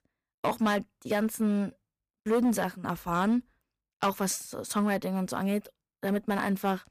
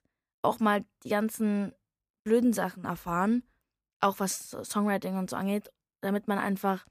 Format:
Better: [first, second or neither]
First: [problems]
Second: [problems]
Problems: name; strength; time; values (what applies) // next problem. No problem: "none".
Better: second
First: distortion; slight; 5% of the sound clipped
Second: none